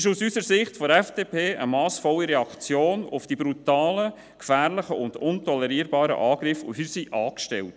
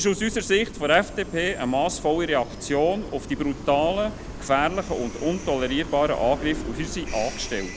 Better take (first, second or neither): first